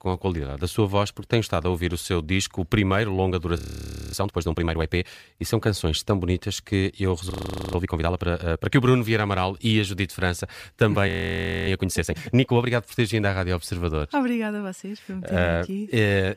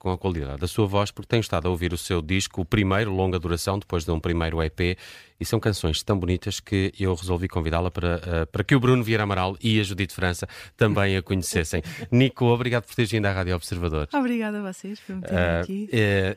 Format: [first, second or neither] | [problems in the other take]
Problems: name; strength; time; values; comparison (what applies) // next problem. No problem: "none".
second | audio freezing; at 3.5 s for 0.5 s, at 7.5 s and at 11 s for 0.5 s